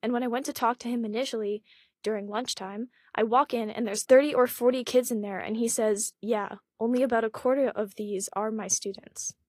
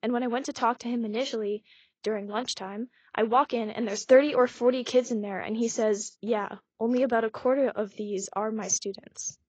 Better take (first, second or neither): first